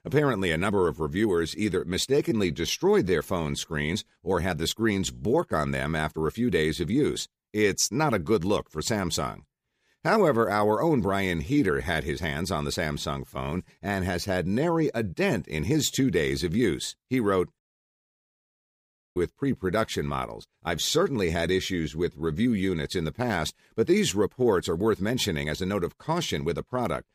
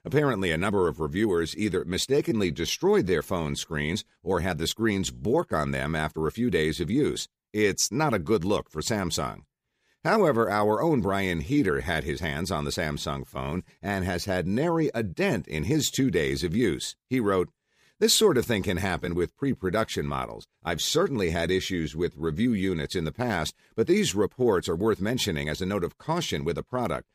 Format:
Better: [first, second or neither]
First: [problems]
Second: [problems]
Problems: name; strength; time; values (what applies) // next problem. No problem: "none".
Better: second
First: audio cutting out; at 18 s for 1.5 s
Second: none